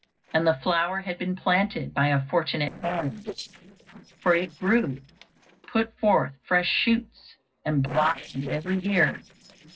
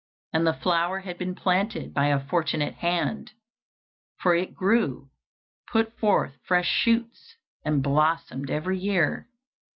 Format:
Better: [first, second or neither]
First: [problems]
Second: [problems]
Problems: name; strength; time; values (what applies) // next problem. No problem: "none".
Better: second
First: noise reduction (neural separator model SepFormer DNS4)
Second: none